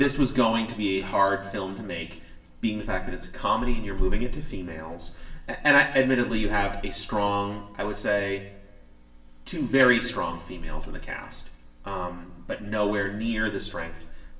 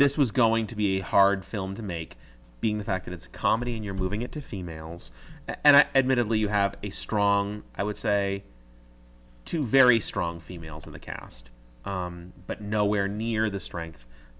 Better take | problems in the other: second | room echo; dies away in 0.8 s

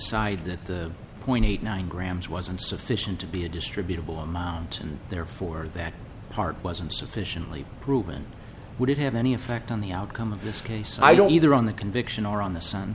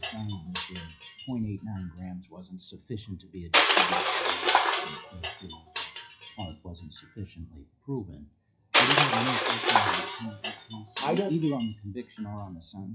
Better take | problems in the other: first | noise reduction (classical method WPE with log-MMSE)

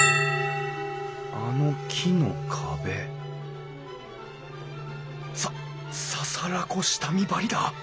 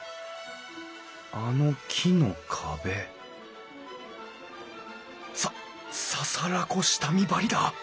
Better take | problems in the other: second | background sound (Bell); 1 dB below the speech

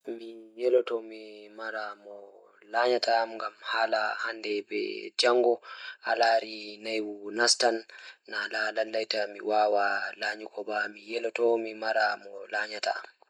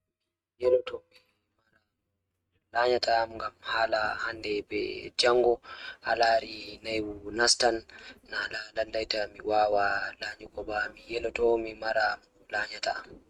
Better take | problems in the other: first | noise reduction (neural mask model RNNoise)

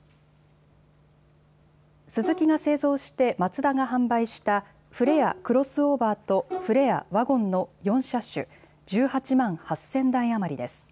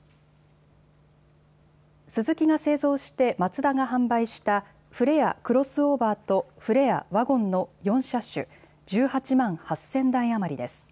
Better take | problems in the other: second | background sound (Bowed string instrument); 13 dB below the speech

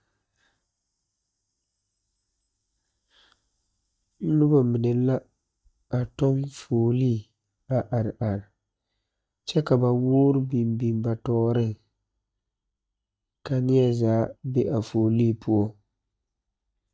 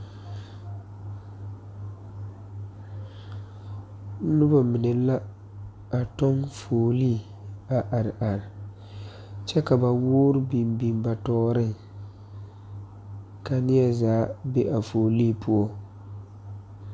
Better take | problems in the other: second | noise reduction (neural mask model DeepFilterNet 3)

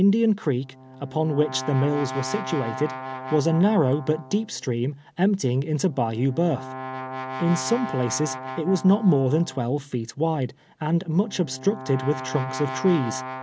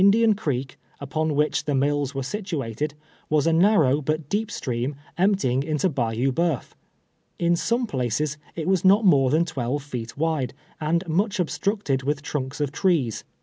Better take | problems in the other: second | background sound (Brass instrument); 11 dB below the speech

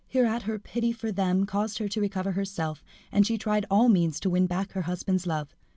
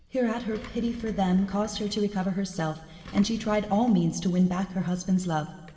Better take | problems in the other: first | background sound (Engine); 20 dB below the speech // room echo; dies away in 1.7 s

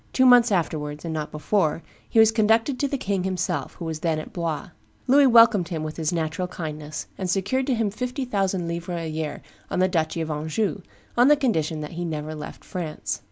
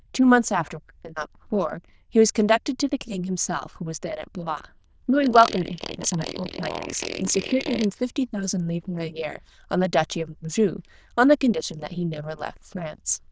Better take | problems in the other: first | noise reduction (neural diffusion model UNIVERSE++)

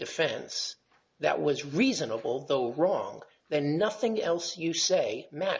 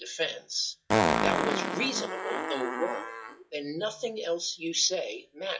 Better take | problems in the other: first | noise reduction (classical method WPE with log-MMSE)

